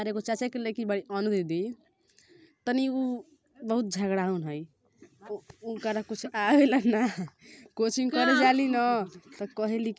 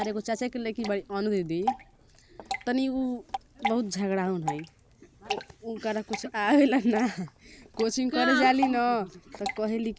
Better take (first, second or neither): first